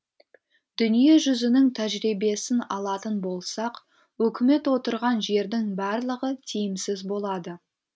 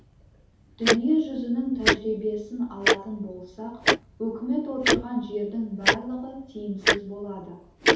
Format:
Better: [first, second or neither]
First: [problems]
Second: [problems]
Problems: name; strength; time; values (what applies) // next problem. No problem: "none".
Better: first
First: none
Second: background sound (Tick-tock); 2 dB above the speech // room echo; dies away in 0.8 s